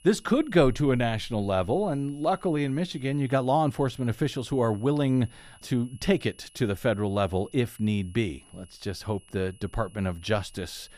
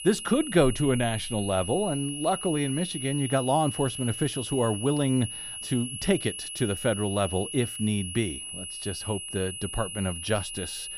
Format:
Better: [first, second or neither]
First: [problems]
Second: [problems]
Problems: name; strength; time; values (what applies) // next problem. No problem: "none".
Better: first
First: high-pitched whine; faint; throughout; 10.5 kHz, 25 dB below the speech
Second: high-pitched whine; loud; throughout; 10.5 kHz, 7 dB below the speech